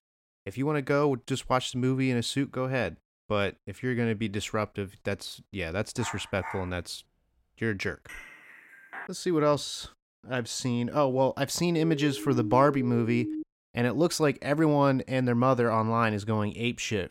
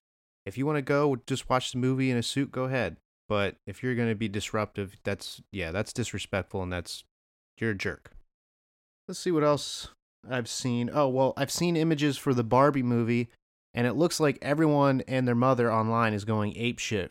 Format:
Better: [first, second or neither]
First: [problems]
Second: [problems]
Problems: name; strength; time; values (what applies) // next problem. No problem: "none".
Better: second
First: dog barking; faint; at 6 s; peak 10 dB below the speech // clattering dishes; faint; at 8 s; peak 15 dB below the speech // siren; noticeable; from 12 to 13 s; peak 7 dB below the speech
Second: none